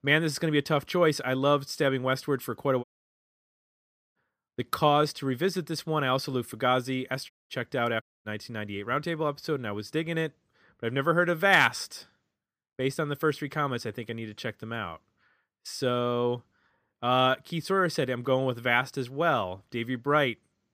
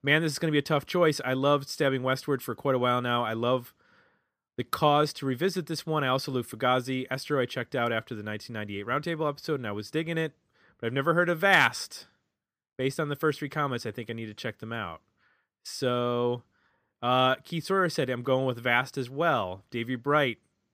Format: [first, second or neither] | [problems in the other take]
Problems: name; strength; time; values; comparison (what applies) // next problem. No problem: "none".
second | audio cutting out; at 3 s for 1.5 s, at 7.5 s and at 8 s